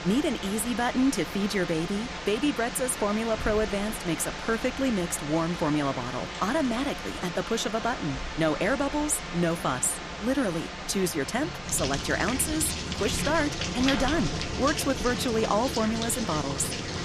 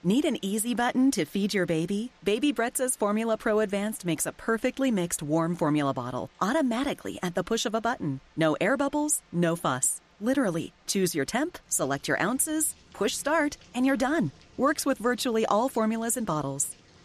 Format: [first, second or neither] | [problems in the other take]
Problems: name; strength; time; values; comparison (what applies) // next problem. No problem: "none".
second | rain or running water; loud; throughout; 5 dB below the speech; faint in the second